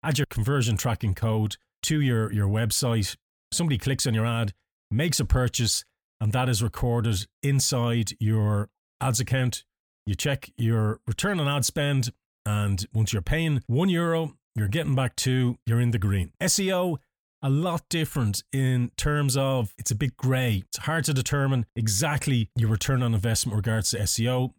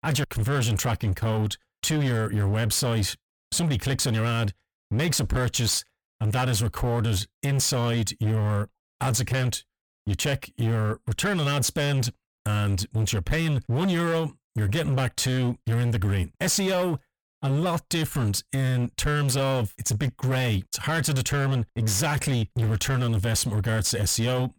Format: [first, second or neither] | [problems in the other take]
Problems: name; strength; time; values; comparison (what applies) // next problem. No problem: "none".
first | distortion; slight; 23% of the sound clipped